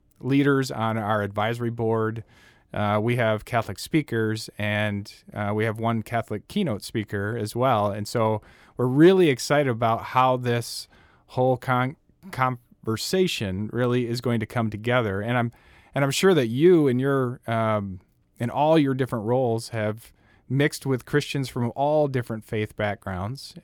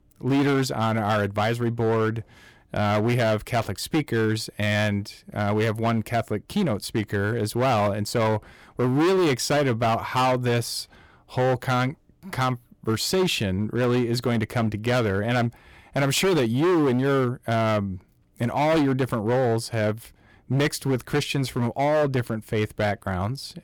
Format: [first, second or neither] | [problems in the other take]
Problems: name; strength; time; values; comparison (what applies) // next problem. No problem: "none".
first | distortion; heavy; 14% of the sound clipped